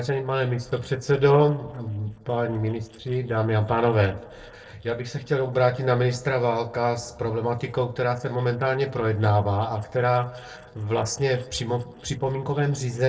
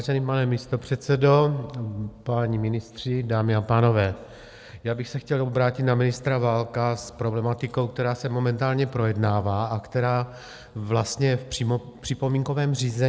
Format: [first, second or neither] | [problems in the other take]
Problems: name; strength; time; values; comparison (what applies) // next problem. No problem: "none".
second | noise reduction (neural separator model SepFormer DNS4)